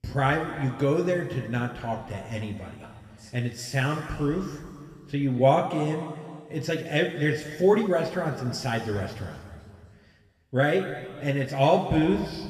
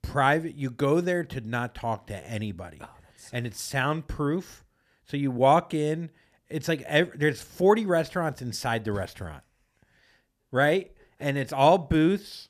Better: second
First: room echo; noticeable; dies away in 2.3 s // off-mic speech; somewhat distant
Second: none

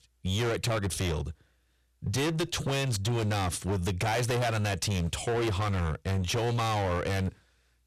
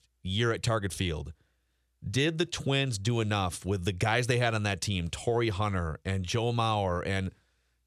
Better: second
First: distortion; heavy; 26% of the sound clipped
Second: none

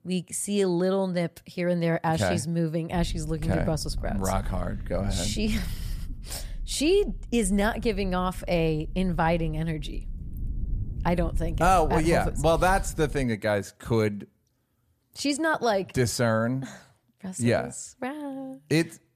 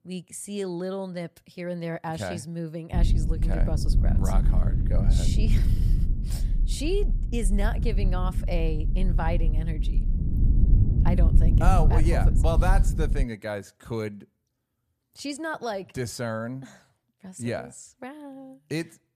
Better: first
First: low rumble; faint; from 3 to 13 s; 25 dB below the speech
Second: low rumble; loud; from 3 to 13 s; 7 dB below the speech

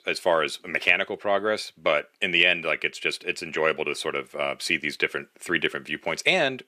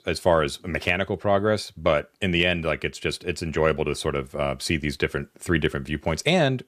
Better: second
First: thin; somewhat; fading below 300 Hz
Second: none

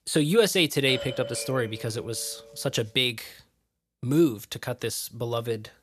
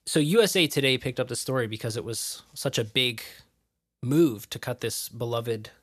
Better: second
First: doorbell; noticeable; from 1 to 2.5 s; peak 8 dB below the speech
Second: none

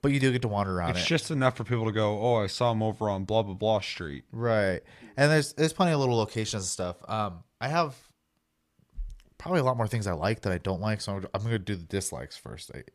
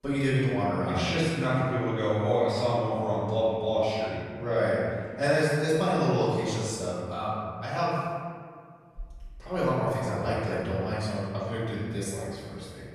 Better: first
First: none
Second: off-mic speech; far // room echo; strong; dies away in 1.8 s

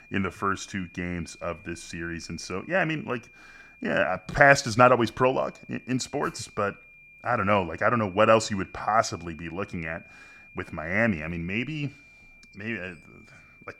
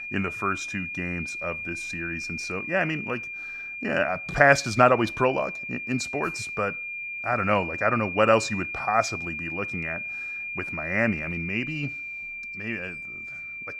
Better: first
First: high-pitched whine; faint; throughout; 2.5 kHz, 25 dB below the speech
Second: high-pitched whine; loud; throughout; 2.5 kHz, 6 dB below the speech

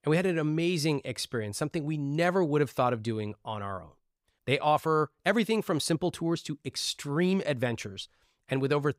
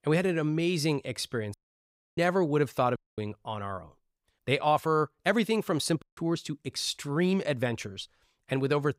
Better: first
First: none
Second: audio cutting out; at 1.5 s for 0.5 s, at 3 s and at 6 s

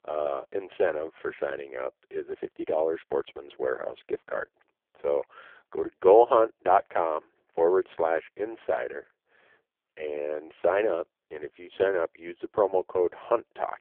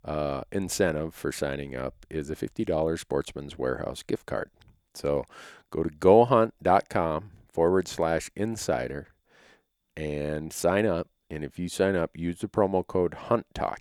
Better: second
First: phone-call audio; poor line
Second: none

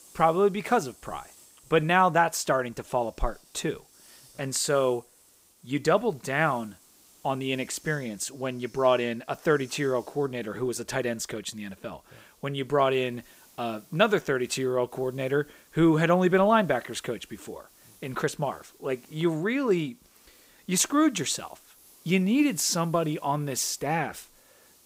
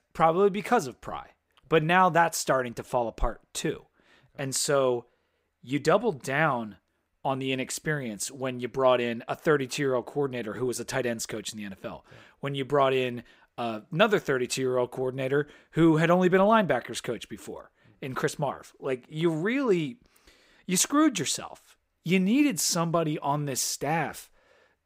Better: second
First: hiss; faint; throughout; 30 dB below the speech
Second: none

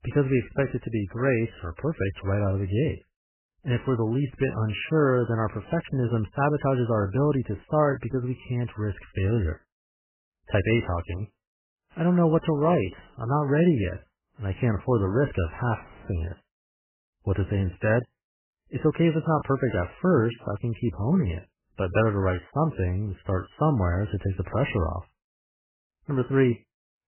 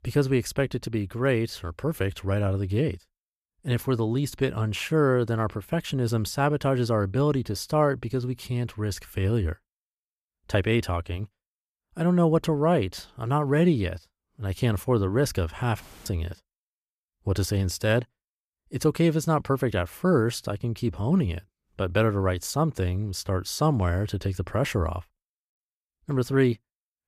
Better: second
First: garbled, watery; badly; nothing above 3 kHz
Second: none

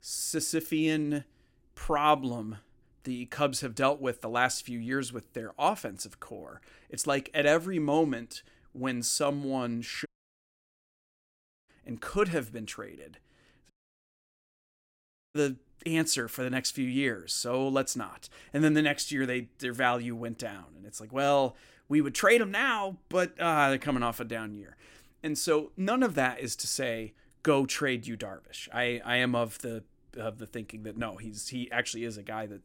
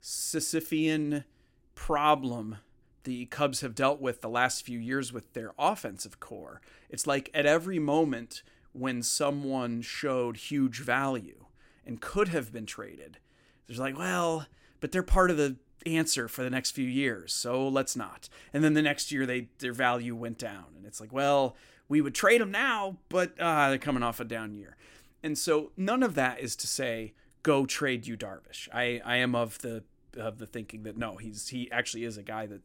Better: second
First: audio cutting out; at 10 s for 1.5 s and at 14 s for 1.5 s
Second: none

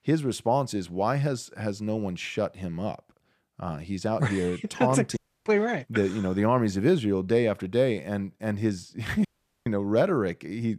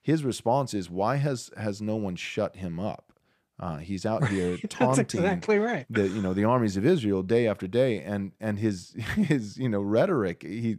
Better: second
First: audio cutting out; at 5 s and at 9.5 s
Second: none

